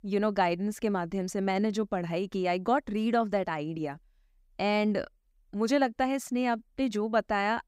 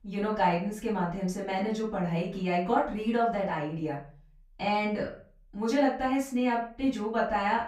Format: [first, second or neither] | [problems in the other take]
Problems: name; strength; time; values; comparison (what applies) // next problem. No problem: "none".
first | off-mic speech; far // room echo; slight; dies away in 0.4 s